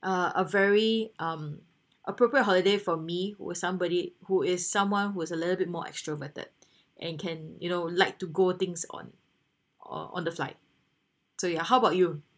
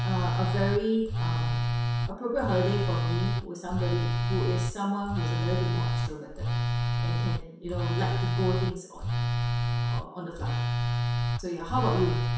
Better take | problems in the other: first | background sound (Telephone); 4 dB above the speech // room echo; dies away in 0.7 s

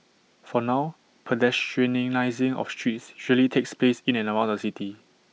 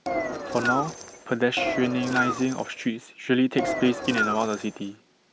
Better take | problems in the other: first | background sound (Engine); 3 dB below the speech

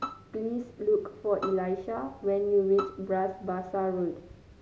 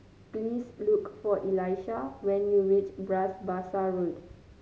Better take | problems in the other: second | background sound (Bowed string instrument); 14 dB below the speech

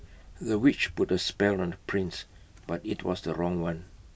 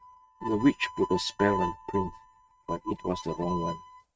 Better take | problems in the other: first | noise reduction (neural mask model RNNoise)

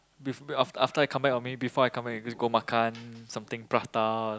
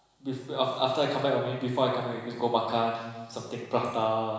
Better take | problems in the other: first | room echo; dies away in 1 s

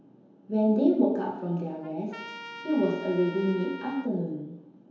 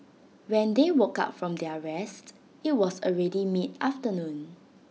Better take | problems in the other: second | background sound (Trumpet); 16 dB below the speech // room echo; dies away in 1 s

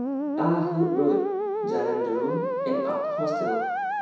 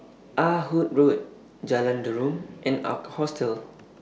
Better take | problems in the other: second | background sound (Musical instrument); 1 dB above the speech // room echo; dies away in 0.7 s

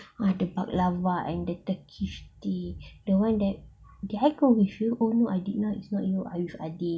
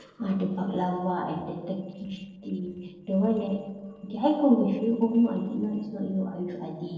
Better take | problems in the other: first | noise reduction (neural separator model SepFormer DNS4)

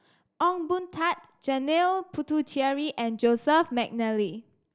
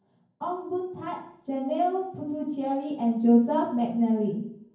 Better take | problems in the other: first | room echo; dies away in 0.9 s

